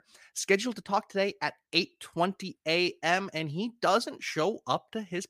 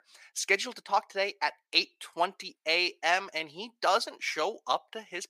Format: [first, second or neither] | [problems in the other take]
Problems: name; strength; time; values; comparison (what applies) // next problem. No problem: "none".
first | thin; very; fading below 500 Hz